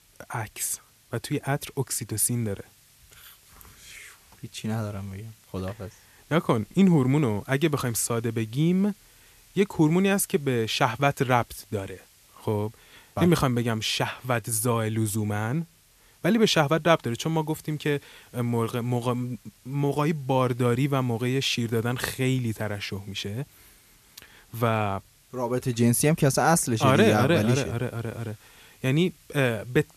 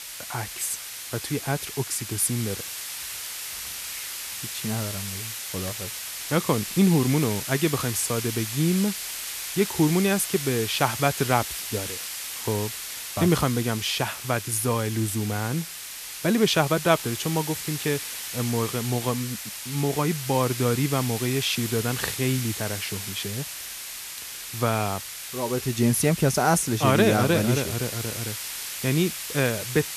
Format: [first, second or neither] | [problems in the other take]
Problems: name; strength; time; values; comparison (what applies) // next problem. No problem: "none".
first | hiss; loud; throughout; 6 dB below the speech; faint in the first